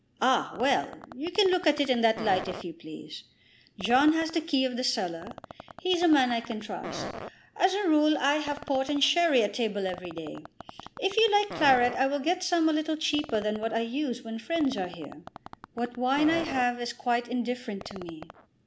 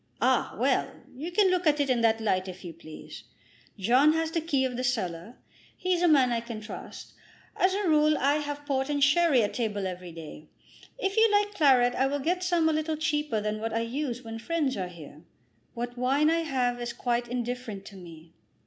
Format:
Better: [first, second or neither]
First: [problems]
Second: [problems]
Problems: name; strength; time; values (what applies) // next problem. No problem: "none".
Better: second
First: background sound (Fart); 16 dB below the speech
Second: none